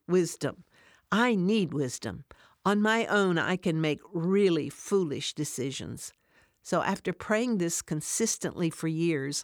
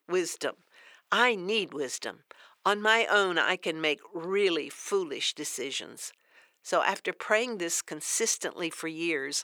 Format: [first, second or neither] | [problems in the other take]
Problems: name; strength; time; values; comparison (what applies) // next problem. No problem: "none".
first | thin; very; fading below 500 Hz